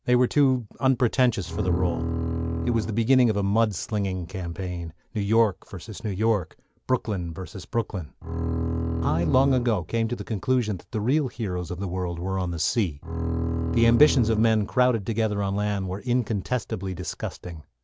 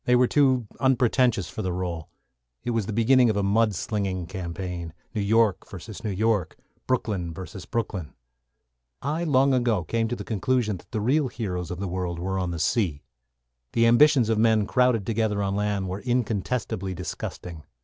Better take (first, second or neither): second